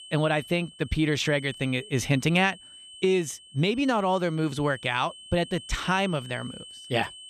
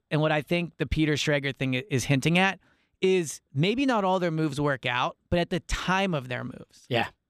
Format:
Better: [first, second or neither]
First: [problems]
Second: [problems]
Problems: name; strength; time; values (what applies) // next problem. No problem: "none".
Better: second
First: high-pitched whine; noticeable; throughout; 3 kHz, 15 dB below the speech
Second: none